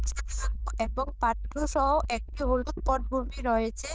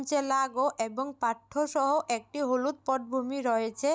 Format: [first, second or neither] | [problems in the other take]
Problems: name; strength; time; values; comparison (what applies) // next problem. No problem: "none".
second | noise reduction (neural diffusion model UNIVERSE++)